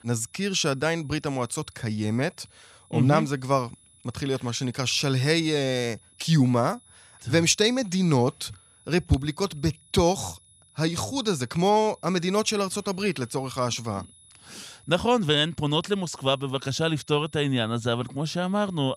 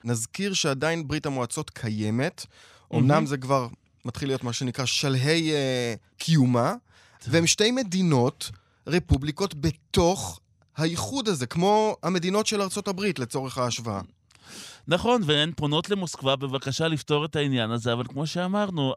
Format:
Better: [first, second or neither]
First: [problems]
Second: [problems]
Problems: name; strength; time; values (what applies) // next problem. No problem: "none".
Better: second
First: high-pitched whine; faint; throughout; 10 kHz, 30 dB below the speech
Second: none